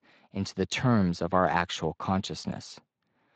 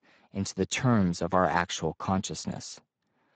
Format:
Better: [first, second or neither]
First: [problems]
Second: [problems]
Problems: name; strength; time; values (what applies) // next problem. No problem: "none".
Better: first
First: garbled, watery; slightly; nothing above 7.5 kHz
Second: garbled, watery; badly; nothing above 7.5 kHz